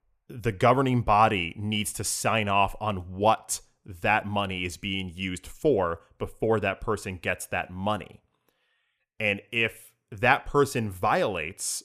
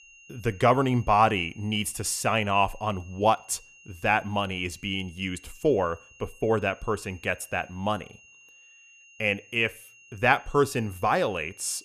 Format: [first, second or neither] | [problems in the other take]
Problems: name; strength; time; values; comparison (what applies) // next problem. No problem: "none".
first | high-pitched whine; faint; throughout; 3 kHz, 25 dB below the speech